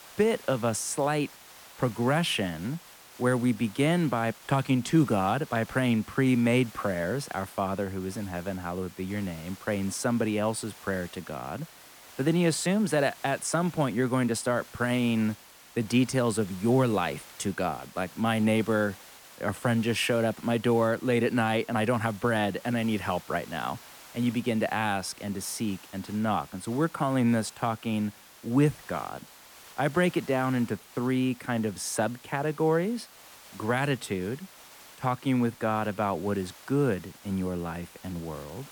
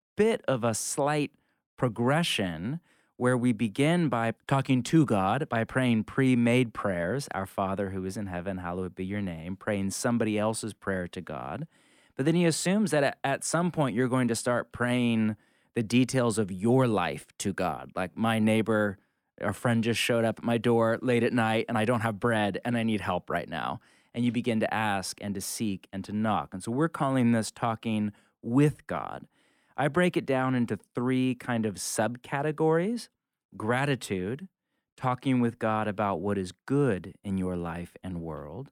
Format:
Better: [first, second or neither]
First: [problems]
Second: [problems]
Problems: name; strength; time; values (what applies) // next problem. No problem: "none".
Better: second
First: hiss; noticeable; throughout; 20 dB below the speech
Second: none